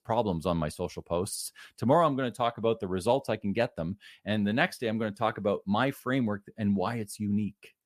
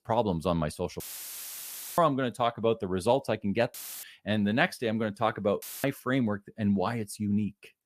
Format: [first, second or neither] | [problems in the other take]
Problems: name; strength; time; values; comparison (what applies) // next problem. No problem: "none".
first | audio cutting out; filled with static; at 1 s for 1 s, at 3.5 s and at 5.5 s